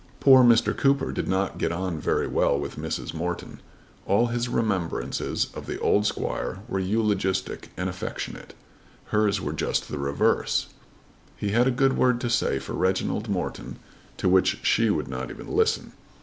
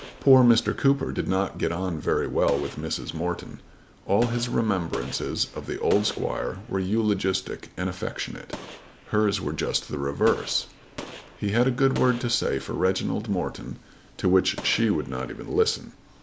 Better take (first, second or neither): first